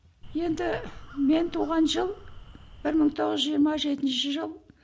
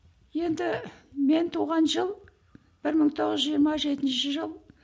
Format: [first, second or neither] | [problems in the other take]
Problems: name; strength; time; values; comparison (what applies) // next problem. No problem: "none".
second | background sound (Crow); 16 dB below the speech